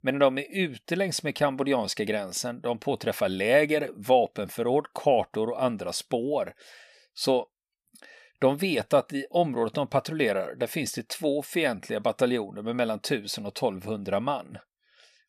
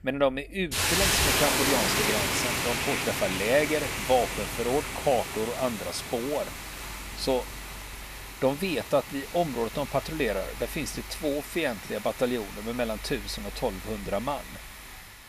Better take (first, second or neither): first